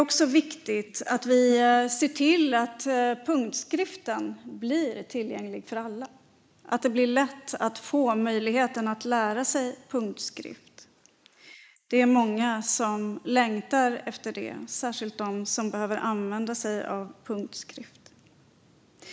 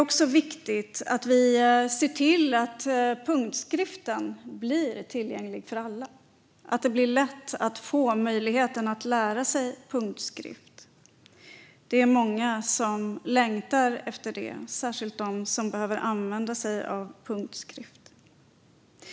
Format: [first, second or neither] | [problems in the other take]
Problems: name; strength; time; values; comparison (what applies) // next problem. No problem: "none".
second | noise reduction (neural mask model Resemble Enhance denoiser)